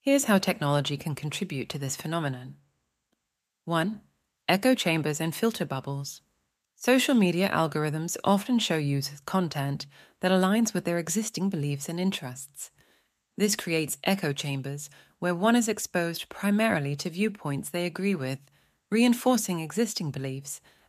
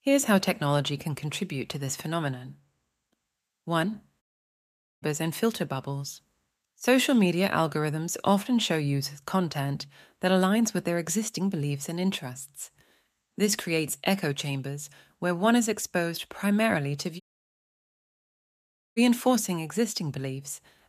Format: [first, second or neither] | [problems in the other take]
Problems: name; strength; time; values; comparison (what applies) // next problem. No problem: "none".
first | audio cutting out; at 4 s for 1 s and at 17 s for 2 s